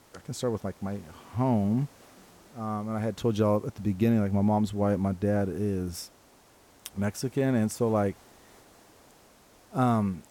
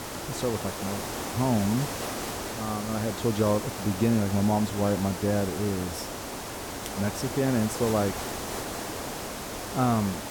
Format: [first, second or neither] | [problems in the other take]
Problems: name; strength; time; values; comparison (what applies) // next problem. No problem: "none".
first | hiss; loud; throughout; 6 dB below the speech; faint in the first